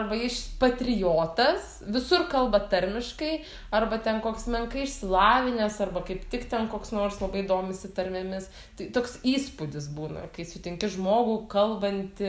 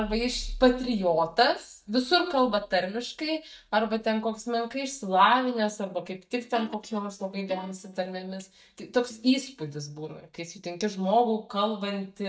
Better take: first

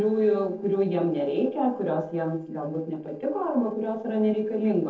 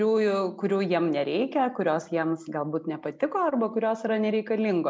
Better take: second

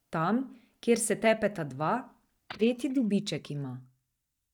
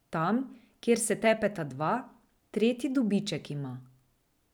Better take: second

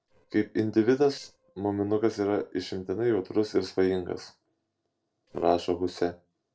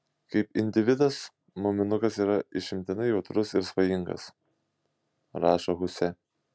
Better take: second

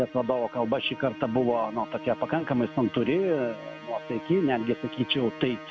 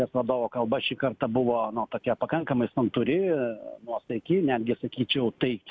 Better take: second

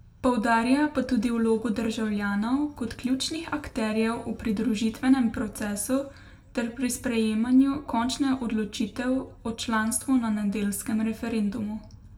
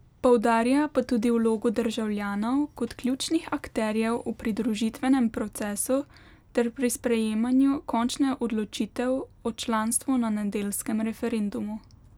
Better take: second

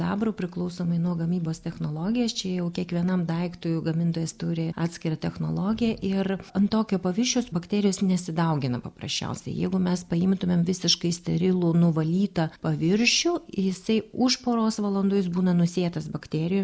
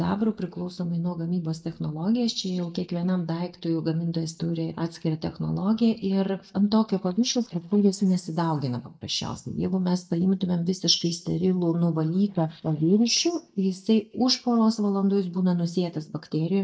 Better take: first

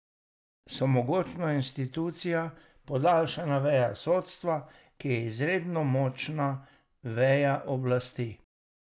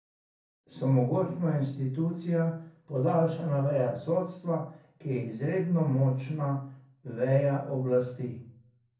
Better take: first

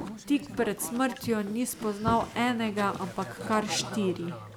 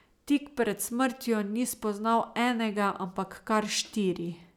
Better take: second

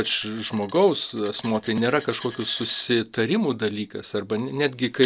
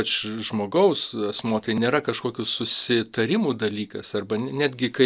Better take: second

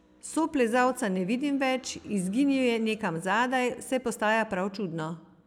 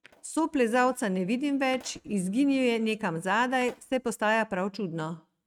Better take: first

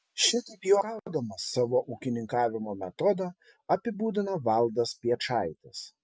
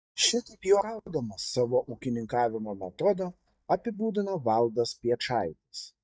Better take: first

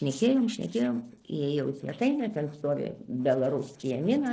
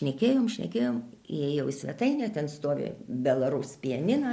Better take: second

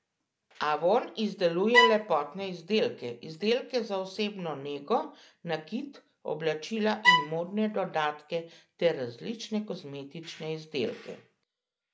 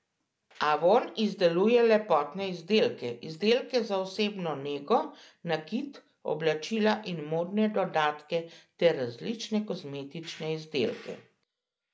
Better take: second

